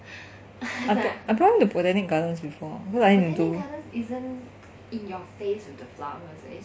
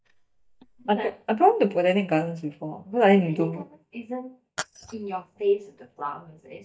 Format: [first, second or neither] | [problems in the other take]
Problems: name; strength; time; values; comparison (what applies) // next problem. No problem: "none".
first | noise reduction (neural mask model DeepFilterNet 3)